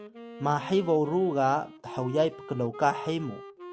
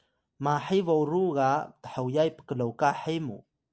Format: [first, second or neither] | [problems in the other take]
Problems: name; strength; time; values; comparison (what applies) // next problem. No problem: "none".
second | background sound (Wind instrument, woodwind instrument); 15 dB below the speech